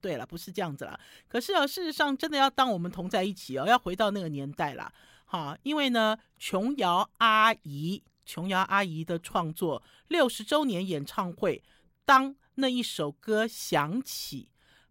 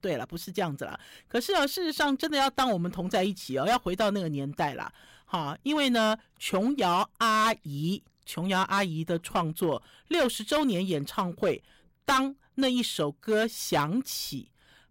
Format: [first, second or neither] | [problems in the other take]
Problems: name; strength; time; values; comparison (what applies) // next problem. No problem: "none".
first | distortion; heavy; 6% of the sound clipped